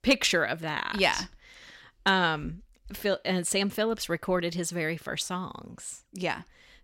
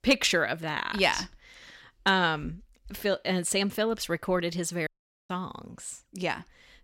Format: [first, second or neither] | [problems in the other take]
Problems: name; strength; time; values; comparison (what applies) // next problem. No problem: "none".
first | audio cutting out; at 5 s